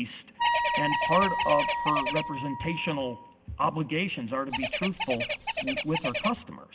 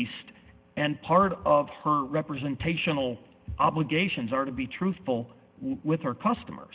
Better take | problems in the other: second | background sound (Wind instrument, woodwind instrument + Bird); as loud as the speech

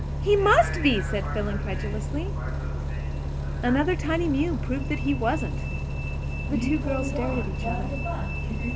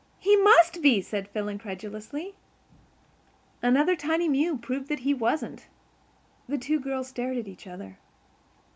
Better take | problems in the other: second | background sound (Bus); as loud as the speech

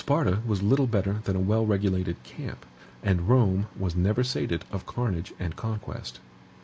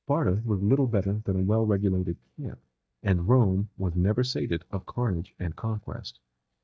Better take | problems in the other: first | noise reduction (neural mask model DeepFilterNet 3)

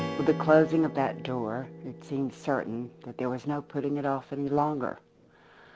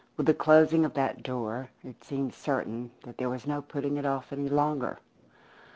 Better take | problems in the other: second | background sound (Strum); 12 dB below the speech

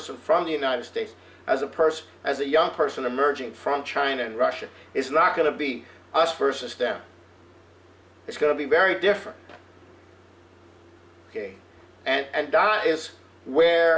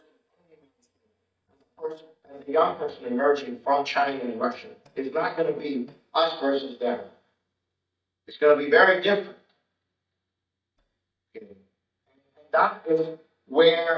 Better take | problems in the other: first | noise reduction (neural mask model DeepFilterNet 3)

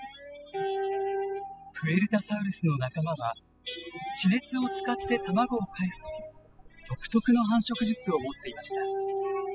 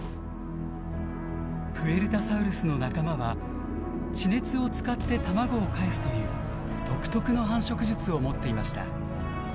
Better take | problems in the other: second | noise reduction (classical method spectral subtraction)

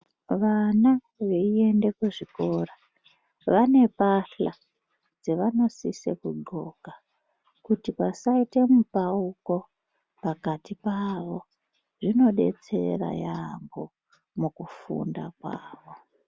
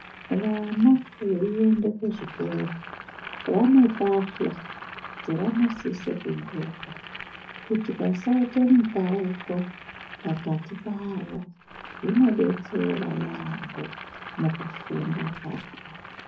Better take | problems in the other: first | background sound (Boiling); 15 dB below the speech // room echo; dies away in 0.4 s

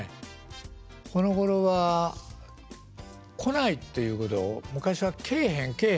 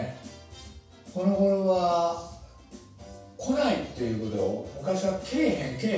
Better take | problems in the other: first | room echo; dies away in 0.7 s

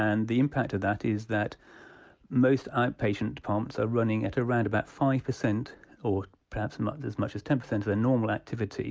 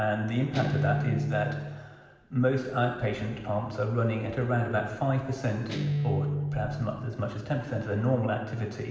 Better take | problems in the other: first | background sound (Guitar); 4 dB below the speech // room echo; dies away in 1.2 s

